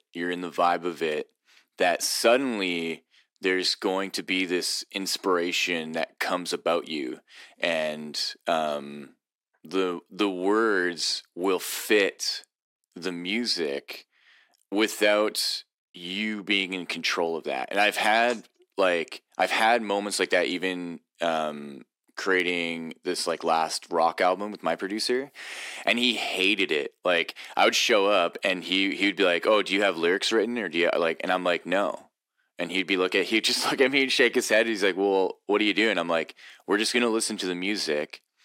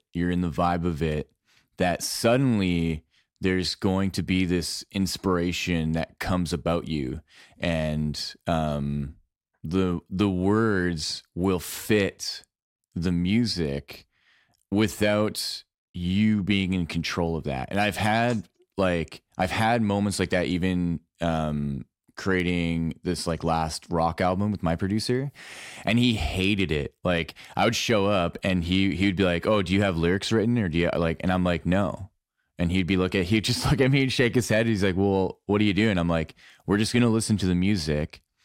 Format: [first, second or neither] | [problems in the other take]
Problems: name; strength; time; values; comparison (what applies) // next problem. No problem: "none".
second | thin; somewhat; fading below 300 Hz